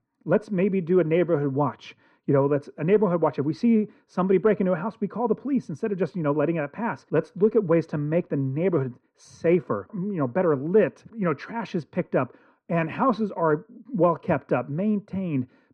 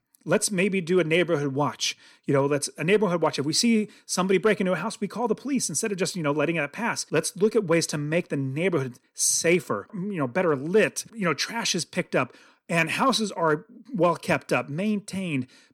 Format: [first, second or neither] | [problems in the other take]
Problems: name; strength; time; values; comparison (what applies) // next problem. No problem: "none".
second | muffled; very; fading above 1 kHz